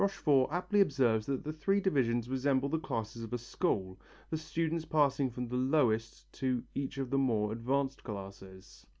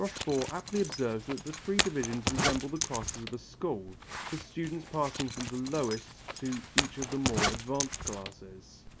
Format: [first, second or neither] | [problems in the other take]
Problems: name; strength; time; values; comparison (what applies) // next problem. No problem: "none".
first | background sound (Zipper (clothing)); 1 dB below the speech